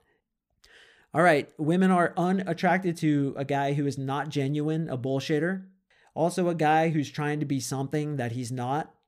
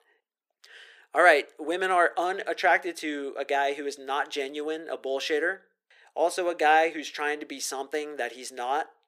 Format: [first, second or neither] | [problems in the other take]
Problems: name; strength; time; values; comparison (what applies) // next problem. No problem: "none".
first | thin; very; fading below 400 Hz